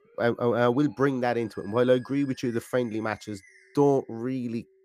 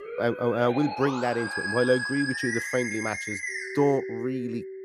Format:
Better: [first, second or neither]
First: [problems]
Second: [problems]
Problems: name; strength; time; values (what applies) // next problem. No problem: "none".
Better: first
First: background music; faint; throughout; 30 dB below the speech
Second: background music; loud; throughout; 5 dB below the speech